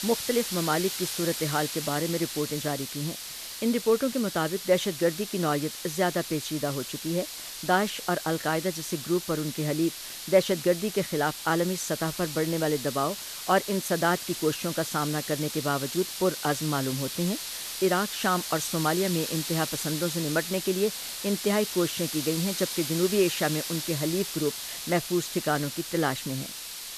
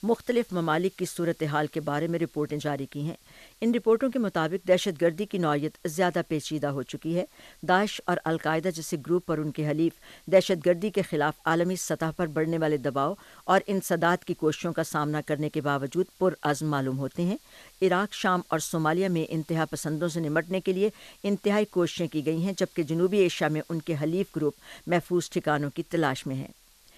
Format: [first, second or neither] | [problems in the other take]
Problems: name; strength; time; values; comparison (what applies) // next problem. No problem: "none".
second | hiss; loud; throughout; 5 dB below the speech; faint in the second